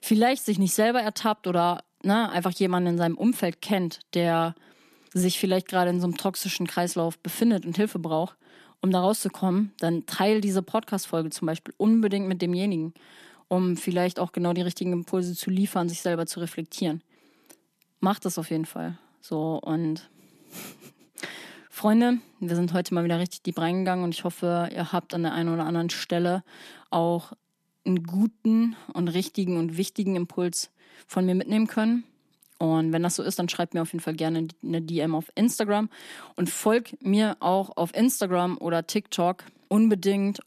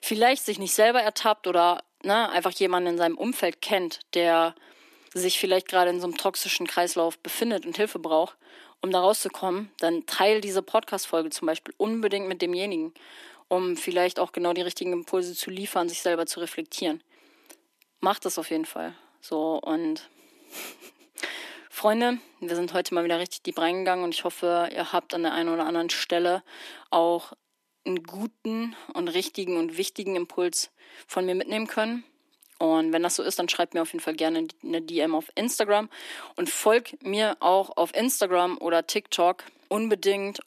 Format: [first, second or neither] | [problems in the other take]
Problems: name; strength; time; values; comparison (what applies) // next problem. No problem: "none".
first | thin; somewhat; fading below 300 Hz